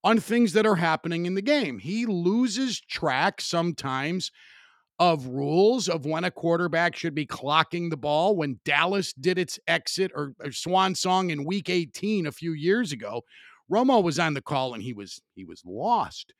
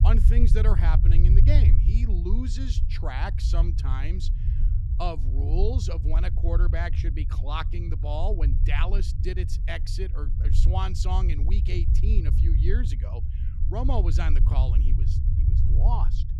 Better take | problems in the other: first | low rumble; loud; throughout; 6 dB below the speech

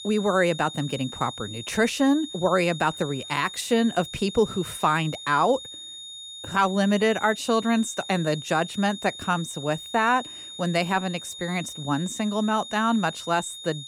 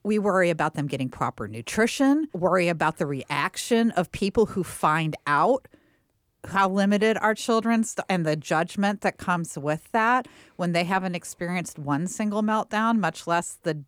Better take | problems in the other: second | high-pitched whine; noticeable; throughout; 3.5 kHz, 10 dB below the speech

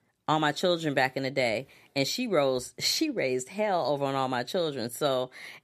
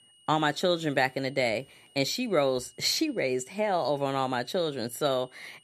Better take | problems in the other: first | high-pitched whine; faint; throughout; 3 kHz, 30 dB below the speech

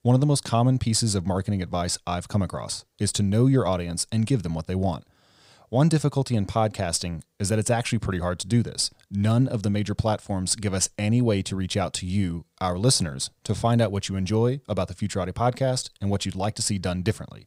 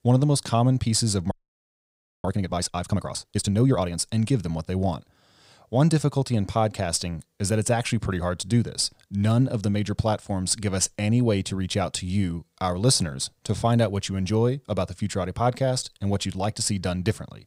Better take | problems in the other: first | audio freezing; at 1.5 s for 1 s

